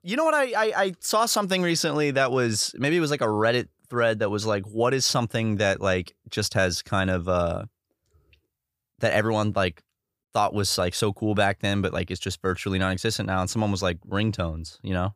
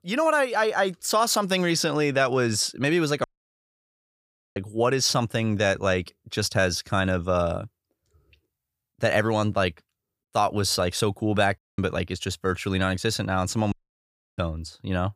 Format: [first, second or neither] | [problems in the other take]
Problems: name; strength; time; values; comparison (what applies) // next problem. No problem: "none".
first | audio cutting out; at 3 s for 1.5 s, at 12 s and at 14 s for 0.5 s